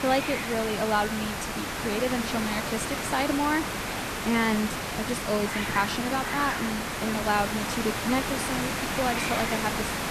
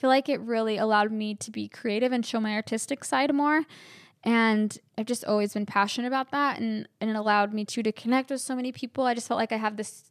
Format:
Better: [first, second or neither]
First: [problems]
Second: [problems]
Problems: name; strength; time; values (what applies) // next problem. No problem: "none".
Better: second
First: hiss; loud; throughout; 1 dB below the speech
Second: none